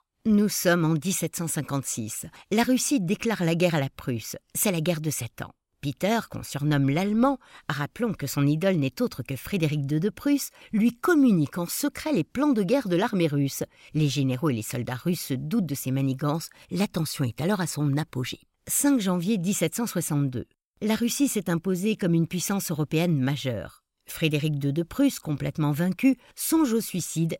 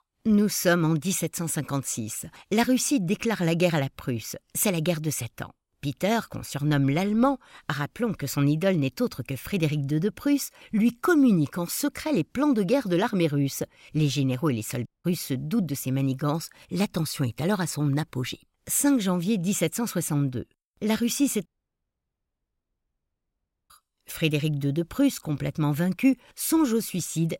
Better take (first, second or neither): first